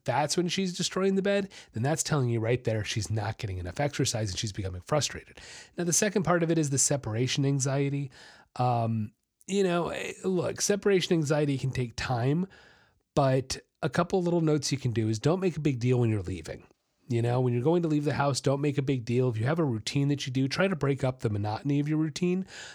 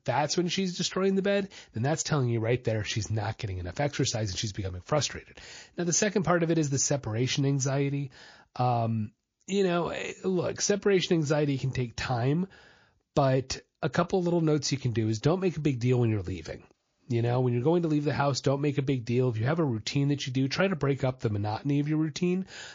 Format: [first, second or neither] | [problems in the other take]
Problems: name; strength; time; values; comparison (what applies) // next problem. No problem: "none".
first | garbled, watery; slightly; nothing above 6.5 kHz